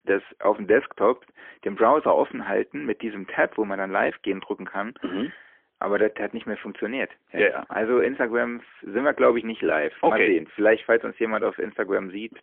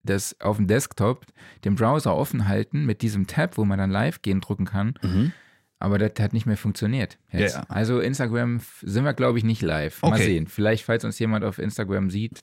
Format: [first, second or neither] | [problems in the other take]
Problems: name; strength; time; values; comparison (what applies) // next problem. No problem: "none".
second | phone-call audio; poor line; nothing above 3 kHz